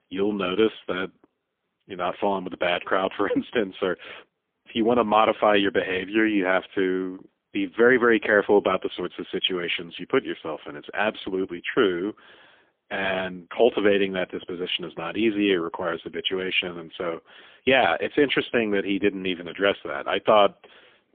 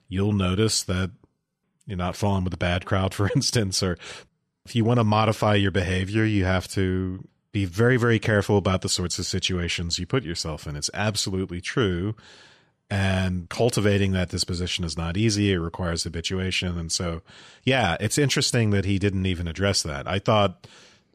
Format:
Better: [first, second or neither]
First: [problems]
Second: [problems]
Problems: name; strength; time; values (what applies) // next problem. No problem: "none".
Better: second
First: phone-call audio; poor line; nothing above 3.5 kHz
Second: none